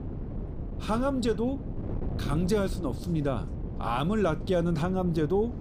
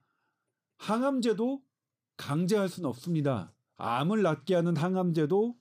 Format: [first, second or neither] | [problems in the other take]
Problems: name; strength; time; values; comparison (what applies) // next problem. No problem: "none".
second | wind noise on the microphone; occasional gusts; 15 dB below the speech